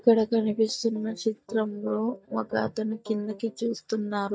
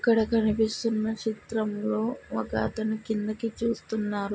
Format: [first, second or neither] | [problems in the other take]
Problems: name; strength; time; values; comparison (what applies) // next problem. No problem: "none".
second | noise reduction (neural mask model DeepFilterNet 3)